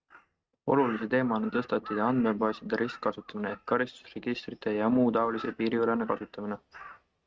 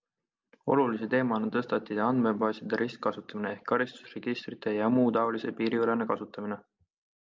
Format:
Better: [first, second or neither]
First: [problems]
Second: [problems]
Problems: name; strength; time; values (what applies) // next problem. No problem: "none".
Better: second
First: noise reduction (neural mask model RNNoise)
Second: none